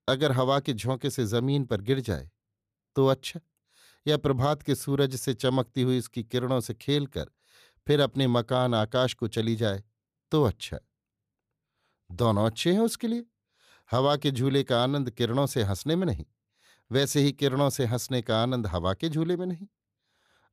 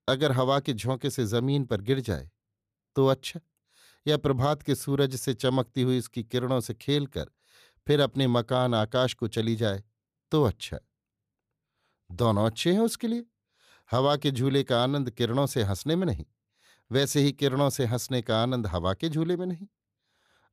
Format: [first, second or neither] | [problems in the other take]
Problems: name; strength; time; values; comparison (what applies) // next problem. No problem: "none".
neither | none